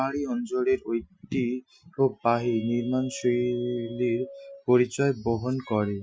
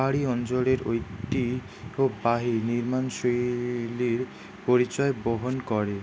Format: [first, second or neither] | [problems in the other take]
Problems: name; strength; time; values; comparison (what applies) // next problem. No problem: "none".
second | noise reduction (classical method Wiener filter)